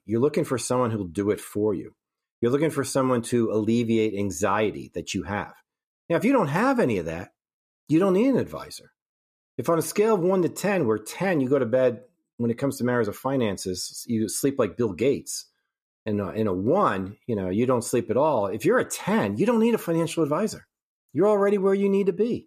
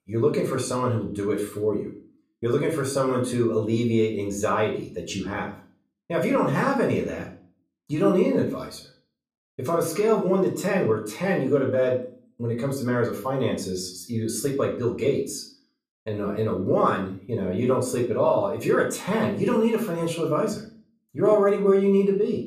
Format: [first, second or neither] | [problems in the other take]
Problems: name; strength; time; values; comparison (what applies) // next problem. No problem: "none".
first | room echo; slight; dies away in 0.4 s // off-mic speech; somewhat distant